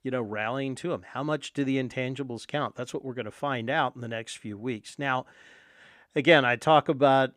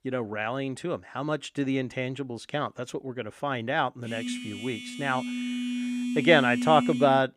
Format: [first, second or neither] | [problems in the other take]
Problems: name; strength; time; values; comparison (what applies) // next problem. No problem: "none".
first | phone ringing; noticeable; from 4 s on; peak 1 dB below the speech